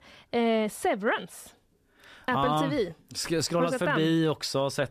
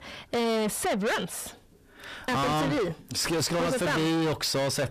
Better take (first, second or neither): first